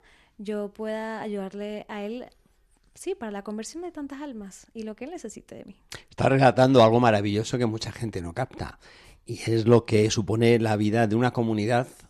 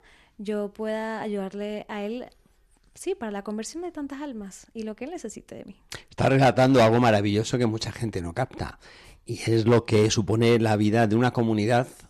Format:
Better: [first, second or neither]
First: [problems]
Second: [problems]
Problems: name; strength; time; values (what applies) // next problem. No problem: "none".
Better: first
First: none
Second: distortion; slight; 3% of the sound clipped